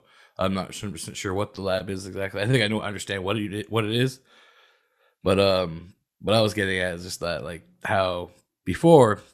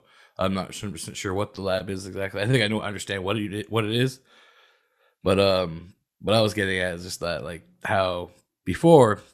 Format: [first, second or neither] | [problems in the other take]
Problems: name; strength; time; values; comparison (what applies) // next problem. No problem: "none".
neither | none